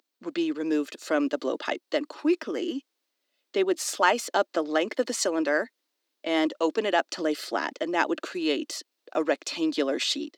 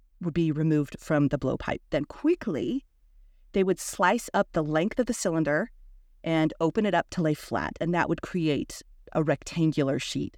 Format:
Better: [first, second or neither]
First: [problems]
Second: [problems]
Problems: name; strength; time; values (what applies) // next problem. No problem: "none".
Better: second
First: thin; very slightly; fading below 300 Hz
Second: none